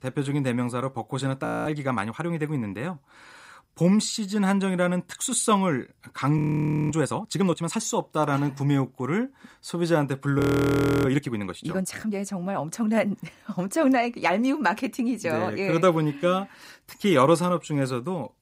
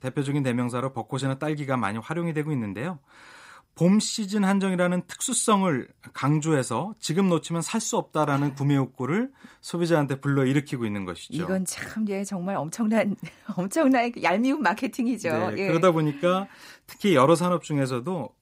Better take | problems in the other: second | audio freezing; at 1.5 s, at 6.5 s for 0.5 s and at 10 s for 0.5 s

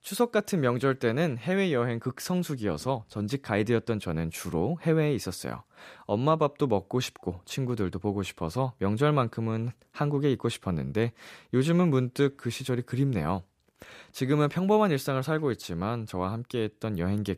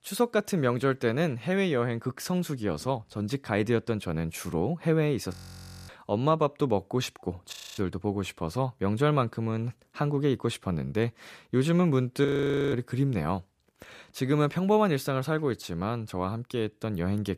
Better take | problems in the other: first | audio freezing; at 5.5 s for 0.5 s, at 7.5 s and at 12 s

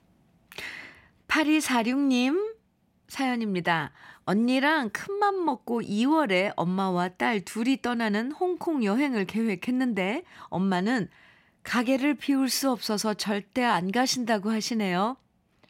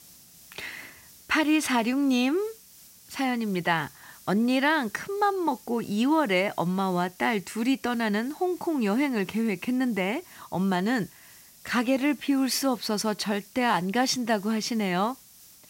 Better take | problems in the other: first | hiss; faint; throughout; 25 dB below the speech

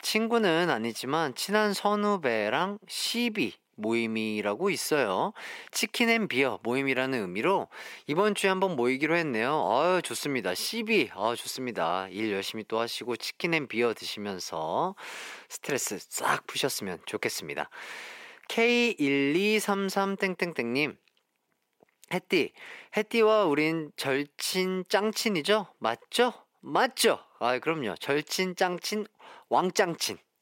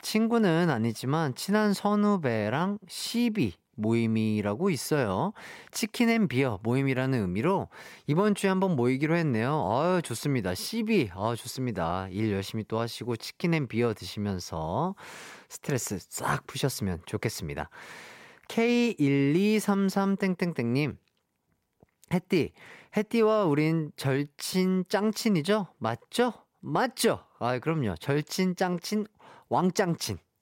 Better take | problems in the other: second | thin; somewhat; fading below 300 Hz

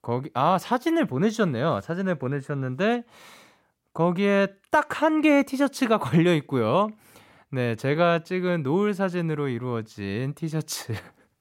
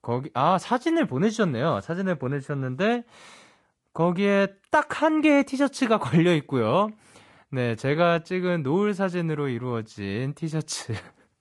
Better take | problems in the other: first | garbled, watery; slightly; nothing above 10.5 kHz

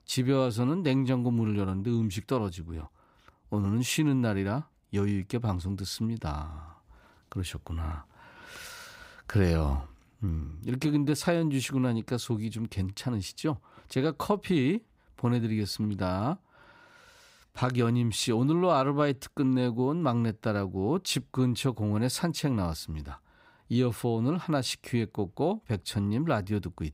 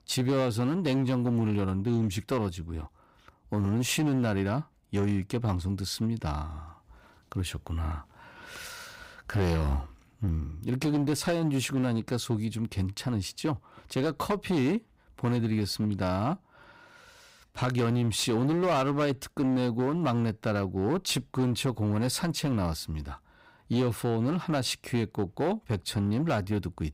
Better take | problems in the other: first | distortion; slight; 11% of the sound clipped

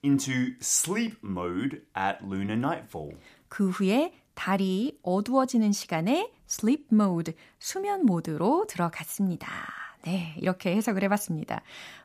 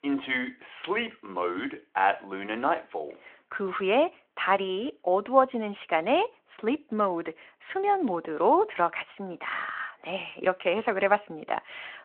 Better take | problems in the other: first | phone-call audio

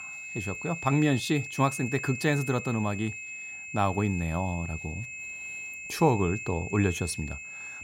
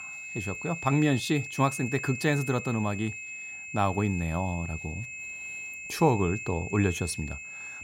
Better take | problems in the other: neither | high-pitched whine; loud; throughout; 2.5 kHz, 8 dB below the speech; the same in both

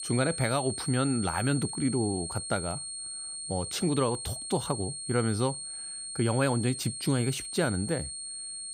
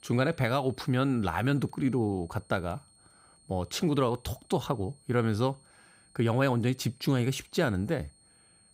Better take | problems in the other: second | high-pitched whine; loud; throughout; 8.5 kHz, 5 dB below the speech; faint in the second

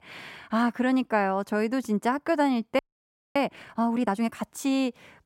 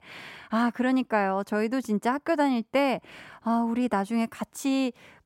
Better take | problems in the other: second | audio freezing; at 3 s for 0.5 s

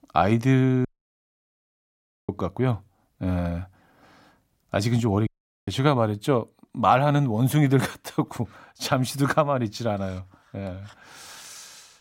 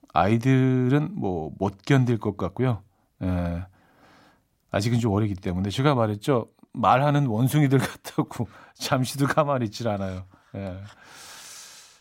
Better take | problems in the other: second | audio cutting out; at 1 s for 1.5 s and at 5.5 s

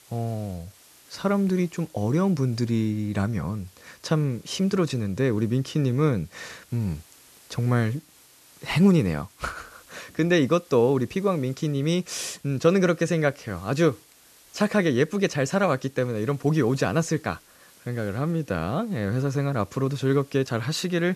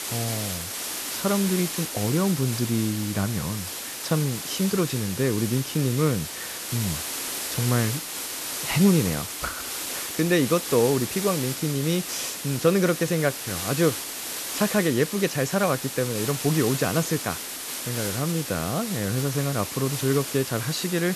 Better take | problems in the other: first | hiss; loud; throughout; 5 dB below the speech; faint in the first

